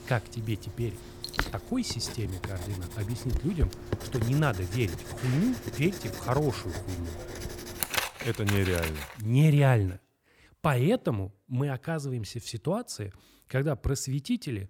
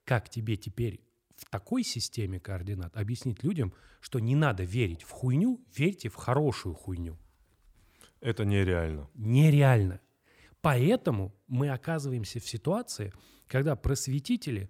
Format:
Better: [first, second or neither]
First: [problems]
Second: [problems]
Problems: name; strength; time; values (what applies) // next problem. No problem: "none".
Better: second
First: household noises; loud; until 9.5 s; 7 dB below the speech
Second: none